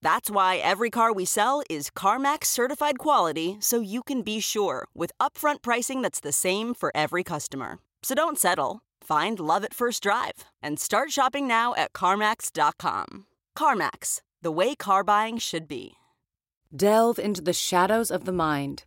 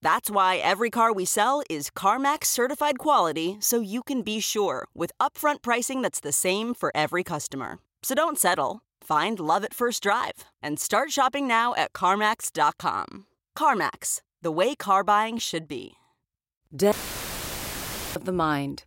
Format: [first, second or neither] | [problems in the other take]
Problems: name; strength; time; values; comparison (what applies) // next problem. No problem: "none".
first | audio cutting out; filled with static; at 17 s for 1 s